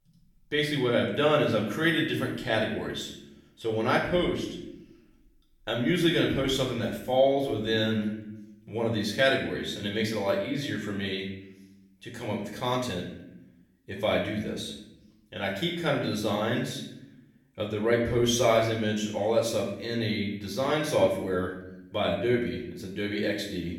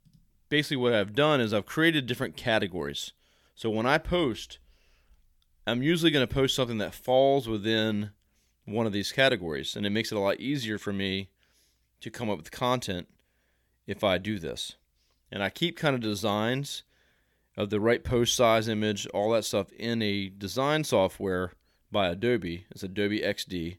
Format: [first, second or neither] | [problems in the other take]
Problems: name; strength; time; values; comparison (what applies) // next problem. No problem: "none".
second | room echo; noticeable; dies away in 0.7 s // off-mic speech; far